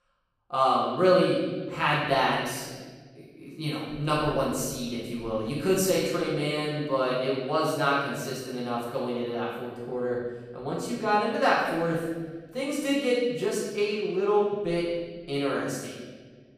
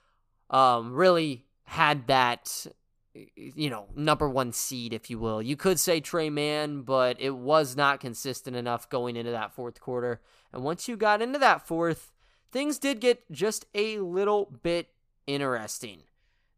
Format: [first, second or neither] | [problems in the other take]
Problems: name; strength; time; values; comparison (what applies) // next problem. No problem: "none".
second | off-mic speech; far // room echo; noticeable; dies away in 1.5 s